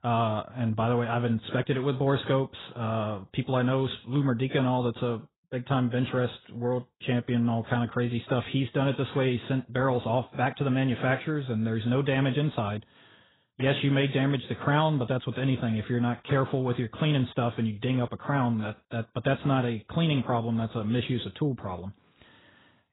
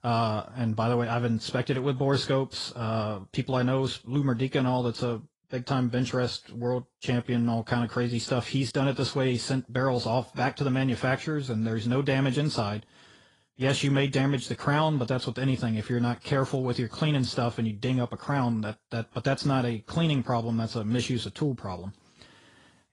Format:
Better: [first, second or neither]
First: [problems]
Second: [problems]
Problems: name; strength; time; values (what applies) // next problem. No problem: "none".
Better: second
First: garbled, watery; badly; nothing above 4 kHz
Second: garbled, watery; slightly; nothing above 10.5 kHz